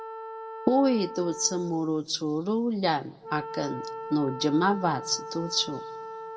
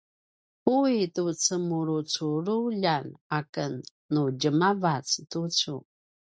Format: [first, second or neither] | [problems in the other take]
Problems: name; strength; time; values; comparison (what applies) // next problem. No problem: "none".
second | background sound (Wind instrument, woodwind instrument); 11 dB below the speech // room echo; dies away in 0.3 s